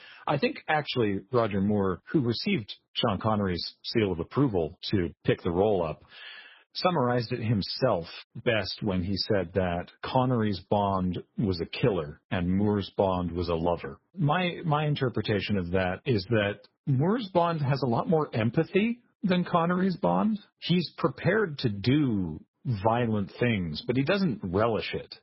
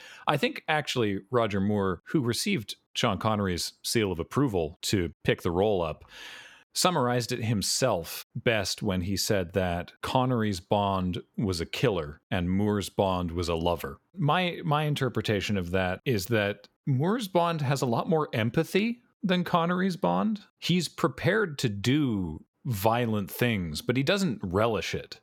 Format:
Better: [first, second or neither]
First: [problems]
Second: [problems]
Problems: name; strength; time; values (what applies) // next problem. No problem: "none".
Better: second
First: garbled, watery; badly; nothing above 5.5 kHz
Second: none